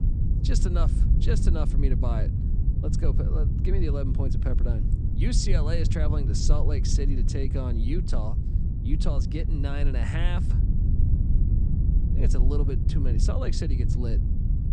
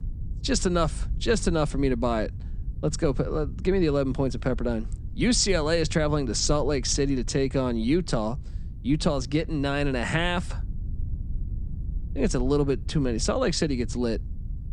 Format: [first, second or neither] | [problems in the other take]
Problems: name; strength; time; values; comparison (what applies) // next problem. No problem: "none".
second | low rumble; loud; throughout; 4 dB below the speech; faint in the second